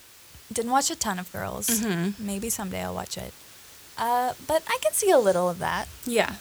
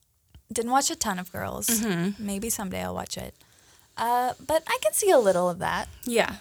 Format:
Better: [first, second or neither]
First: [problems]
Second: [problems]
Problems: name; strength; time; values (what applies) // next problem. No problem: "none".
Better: second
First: hiss; faint; throughout; 20 dB below the speech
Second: none